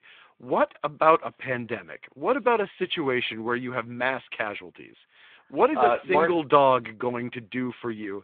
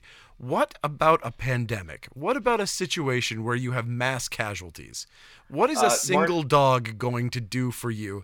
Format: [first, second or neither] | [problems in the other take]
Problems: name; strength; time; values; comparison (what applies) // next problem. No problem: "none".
second | phone-call audio